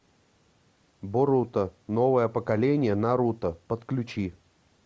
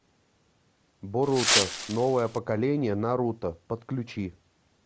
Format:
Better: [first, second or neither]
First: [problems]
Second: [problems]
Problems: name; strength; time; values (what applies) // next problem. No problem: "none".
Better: first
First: none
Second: background sound (Wind); 1 dB above the speech